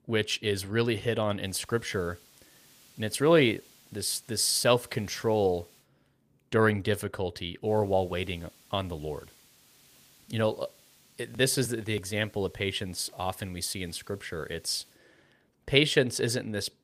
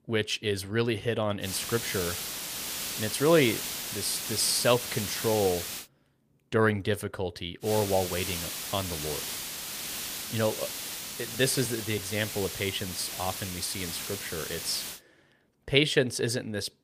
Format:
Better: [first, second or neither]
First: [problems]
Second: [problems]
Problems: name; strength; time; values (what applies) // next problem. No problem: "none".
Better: first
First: hiss; faint; from 1.5 to 6 s and from 7.5 to 15 s; 30 dB below the speech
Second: hiss; loud; from 1.5 to 6 s and from 7.5 to 15 s; 5 dB below the speech